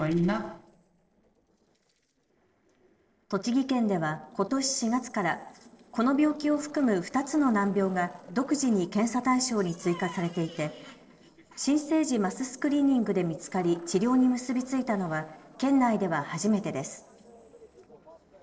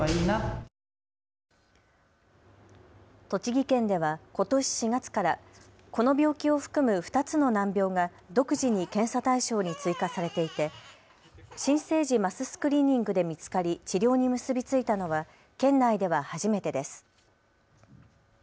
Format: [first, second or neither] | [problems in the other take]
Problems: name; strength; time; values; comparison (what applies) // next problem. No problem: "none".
second | noise reduction (neural separator model SepFormer DNS4)